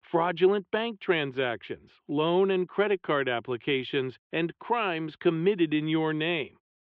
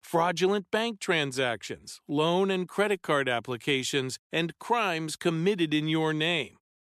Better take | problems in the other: second | muffled; very; fading above 3 kHz

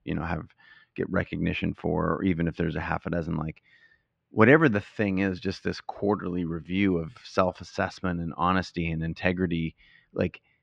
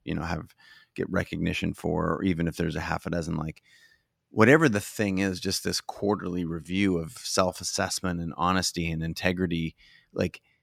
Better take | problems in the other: second | muffled; slightly; fading above 3 kHz

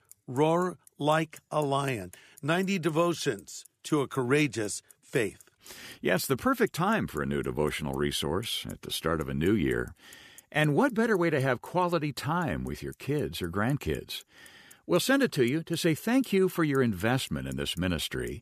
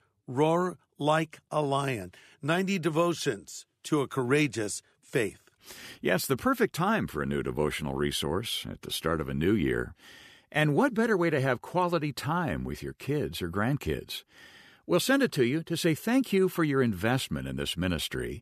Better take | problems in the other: second | traffic noise; faint; throughout; 25 dB below the speech

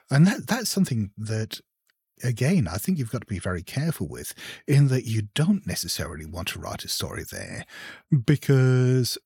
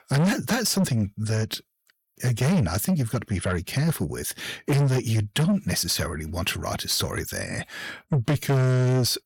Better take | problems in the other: first | distortion; heavy; 7 dB below the speech

